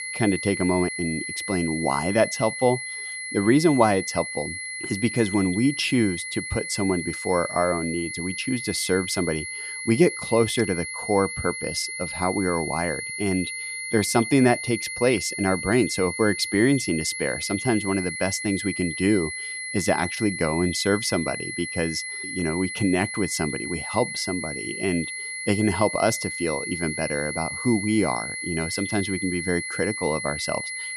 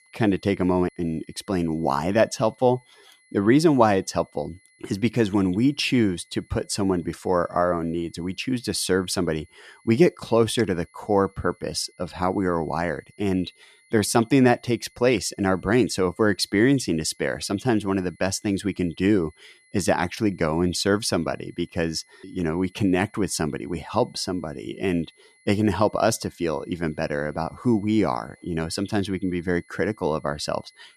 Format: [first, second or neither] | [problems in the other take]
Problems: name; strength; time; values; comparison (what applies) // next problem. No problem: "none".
second | high-pitched whine; loud; throughout; 2 kHz, 5 dB below the speech; faint in the second